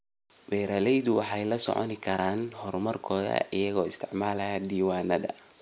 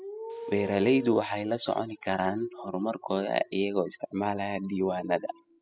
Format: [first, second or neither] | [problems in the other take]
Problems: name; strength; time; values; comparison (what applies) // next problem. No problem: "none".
first | noise reduction (classical method spectral subtraction)